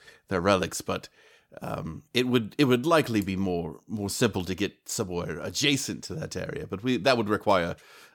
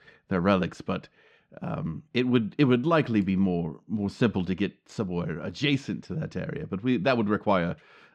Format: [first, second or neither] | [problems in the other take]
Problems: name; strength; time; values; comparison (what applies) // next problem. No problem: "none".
first | muffled; slightly; fading above 2.5 kHz